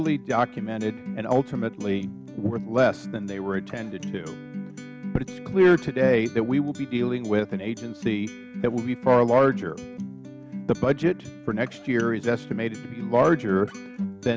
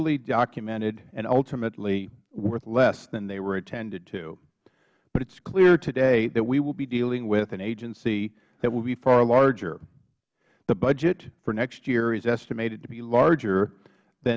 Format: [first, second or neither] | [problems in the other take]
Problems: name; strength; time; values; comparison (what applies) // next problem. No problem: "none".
second | background sound (Acoustic guitar); 11 dB below the speech